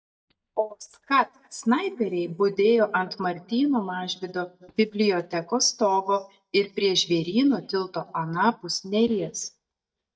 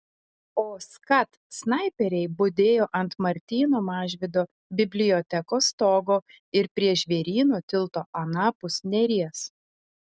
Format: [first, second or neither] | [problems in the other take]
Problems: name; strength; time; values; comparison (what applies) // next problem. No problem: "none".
second | noise reduction (neural mask model DeepFilterNet 3)